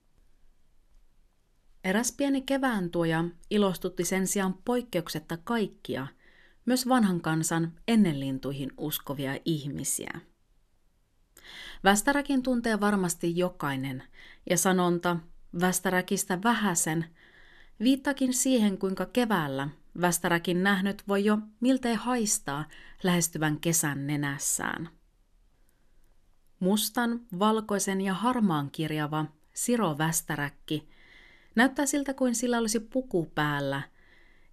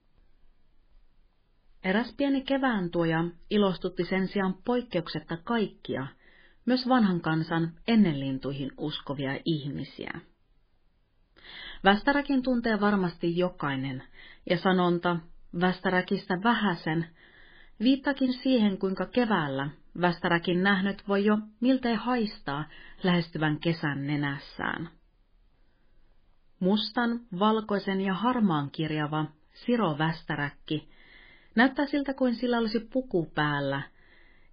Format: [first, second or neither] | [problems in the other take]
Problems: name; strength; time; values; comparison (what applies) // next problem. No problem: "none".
first | garbled, watery; badly; nothing above 5 kHz